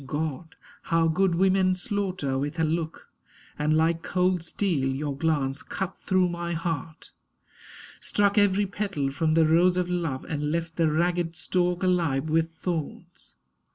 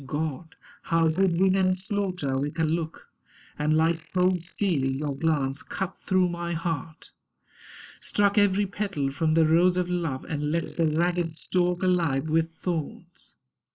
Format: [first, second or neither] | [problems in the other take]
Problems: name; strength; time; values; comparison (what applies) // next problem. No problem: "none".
first | noise reduction (neural mask model Resemble Enhance denoiser)